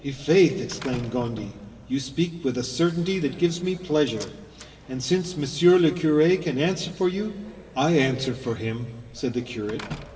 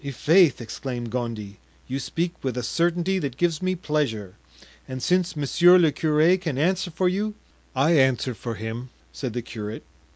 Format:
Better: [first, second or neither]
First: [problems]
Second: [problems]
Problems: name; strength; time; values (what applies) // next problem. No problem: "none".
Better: second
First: background sound (Slam); 20 dB below the speech // room echo; dies away in 2.3 s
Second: none